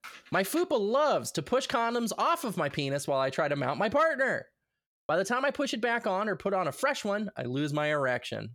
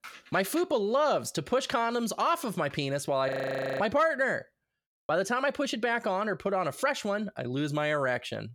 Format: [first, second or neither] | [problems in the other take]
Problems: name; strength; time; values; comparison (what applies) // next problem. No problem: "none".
first | audio freezing; at 3.5 s for 0.5 s